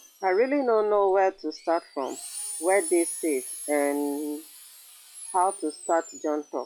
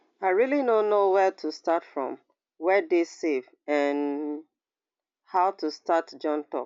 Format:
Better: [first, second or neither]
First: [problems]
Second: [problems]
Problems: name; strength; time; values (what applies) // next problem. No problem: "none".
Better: second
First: noise reduction (classical method log-MMSE)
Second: none